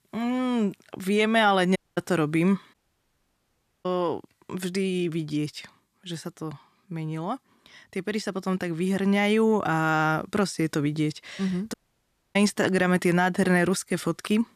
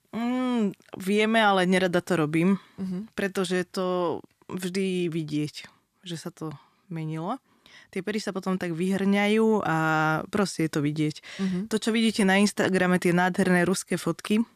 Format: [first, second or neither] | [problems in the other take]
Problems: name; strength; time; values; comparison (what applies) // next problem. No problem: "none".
second | audio cutting out; at 2 s, at 2.5 s for 1 s and at 12 s for 0.5 s